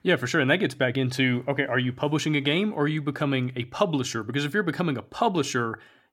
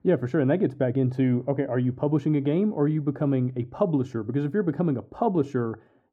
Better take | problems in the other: first | muffled; very; fading above 1.5 kHz

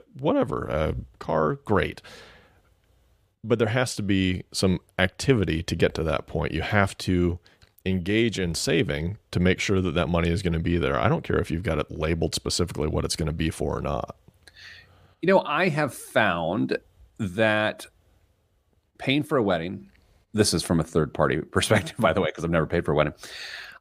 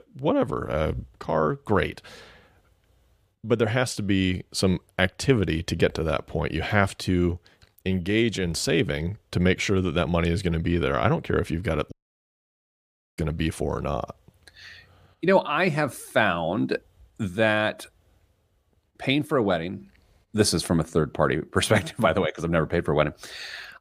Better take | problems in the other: first | audio cutting out; at 12 s for 1.5 s

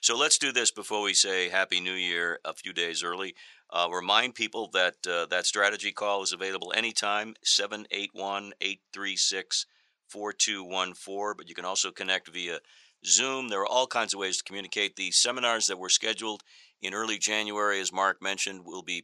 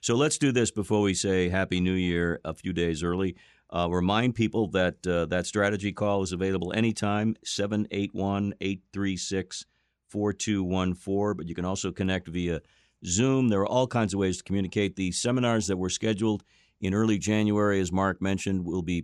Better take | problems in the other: second | thin; very; fading below 800 Hz

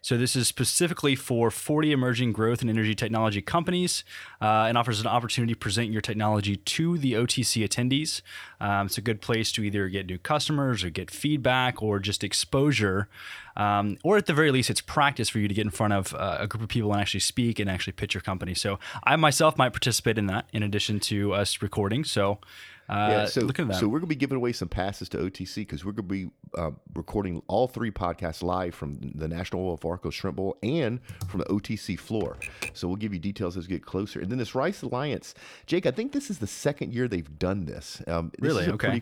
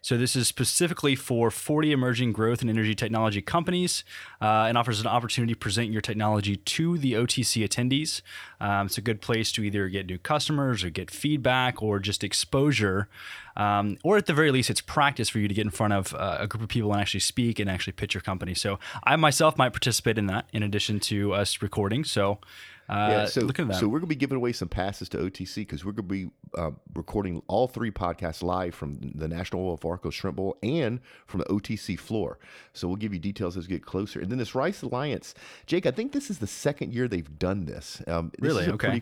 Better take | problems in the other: second | keyboard typing; faint; at 31 s; peak 10 dB below the speech // keyboard typing; noticeable; at 32 s; peak 8 dB below the speech

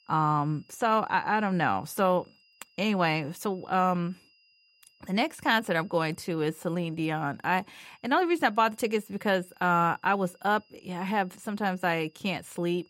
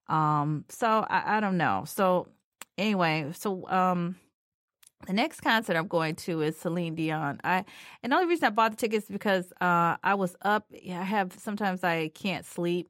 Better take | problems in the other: second | high-pitched whine; faint; throughout; 3 kHz, 35 dB below the speech

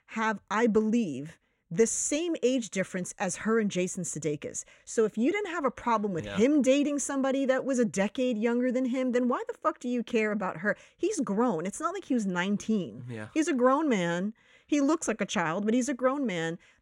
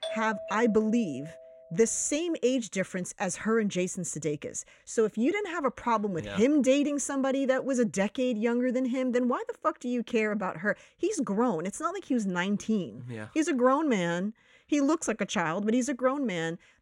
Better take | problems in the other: first | doorbell; noticeable; until 1.5 s; peak 7 dB below the speech

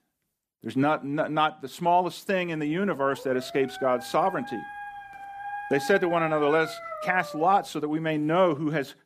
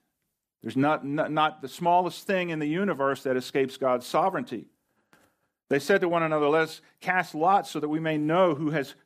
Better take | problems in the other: second | dog barking; noticeable; from 3 to 7.5 s; peak 9 dB below the speech

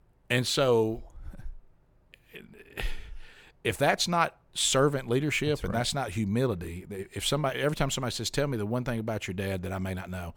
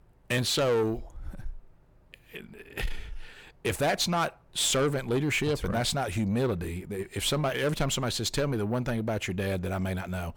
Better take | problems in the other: first | distortion; slight; 10 dB below the speech

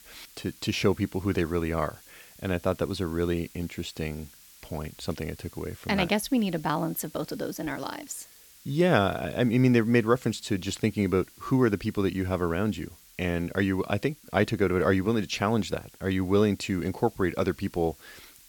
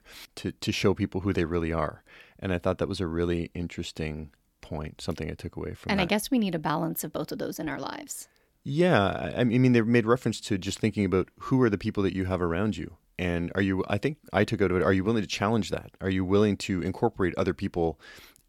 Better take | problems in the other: second | hiss; faint; throughout; 25 dB below the speech

